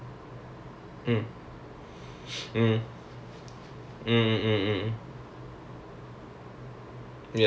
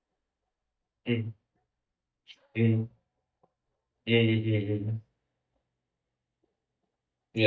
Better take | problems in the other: first | noise reduction (neural mask model DeepFilterNet 3)

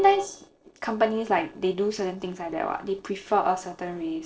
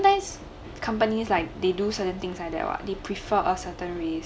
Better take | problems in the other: second | noise reduction (neural separator model SepFormer DNS4)

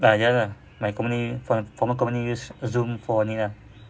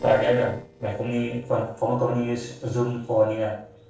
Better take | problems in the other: first | noise reduction (neural separator model SepFormer DNS4)

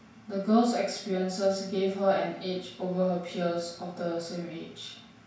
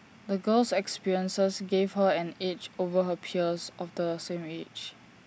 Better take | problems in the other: second | room echo; dies away in 0.5 s

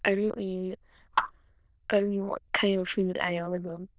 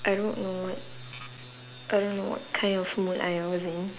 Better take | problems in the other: second | noise reduction (neural diffusion model UNIVERSE++)

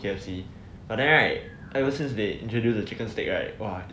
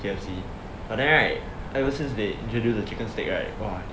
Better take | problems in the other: first | background sound (Mechanisms); 9 dB below the speech

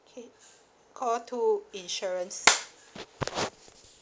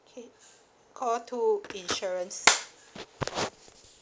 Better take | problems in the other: first | background sound (Telephone); 16 dB below the speech

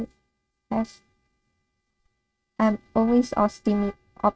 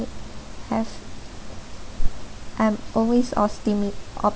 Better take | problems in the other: second | noise reduction (neural mask model RNNoise)

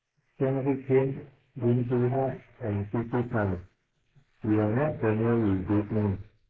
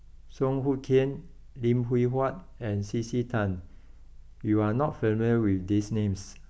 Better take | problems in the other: second | noise reduction (neural mask model Resemble Enhance denoiser)

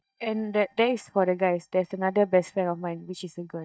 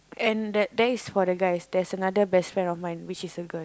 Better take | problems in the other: second | noise reduction (neural mask model DeepFilterNet 3)

